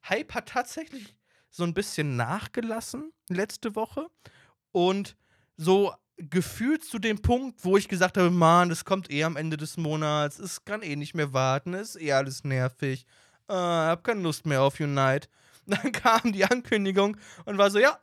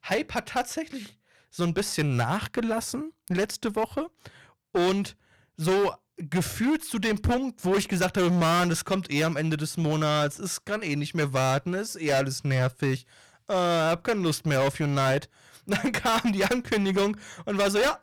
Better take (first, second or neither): first